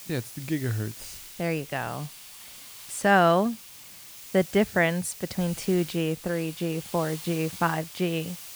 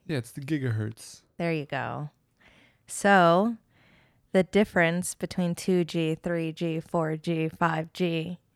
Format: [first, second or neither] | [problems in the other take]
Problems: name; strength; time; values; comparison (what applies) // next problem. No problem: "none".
second | hiss; noticeable; throughout; 15 dB below the speech